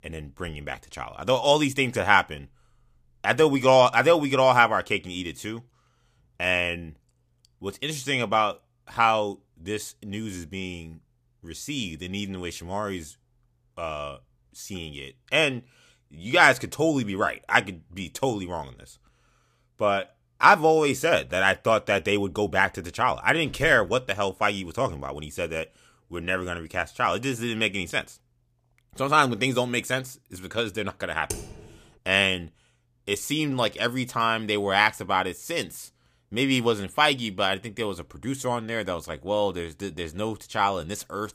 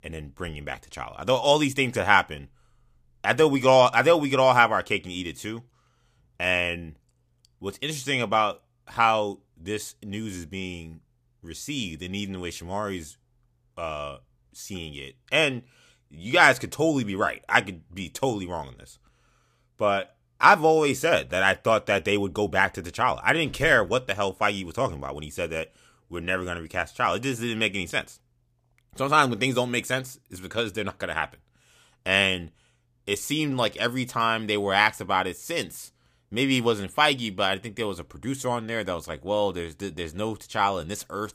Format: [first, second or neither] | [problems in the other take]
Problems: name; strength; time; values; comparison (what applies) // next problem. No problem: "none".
second | keyboard typing; faint; at 31 s; peak 10 dB below the speech